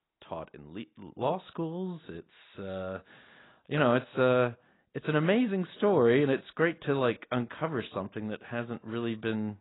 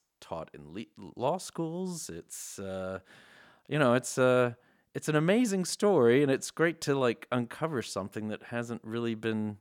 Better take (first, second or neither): second